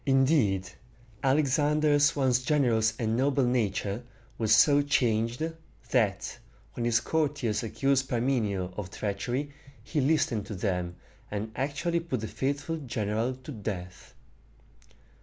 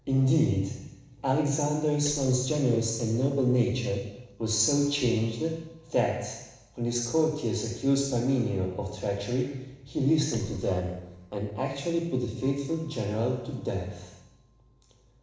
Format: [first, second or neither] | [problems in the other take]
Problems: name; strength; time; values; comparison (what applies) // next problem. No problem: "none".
first | noise reduction (neural separator model SepFormer DNS4)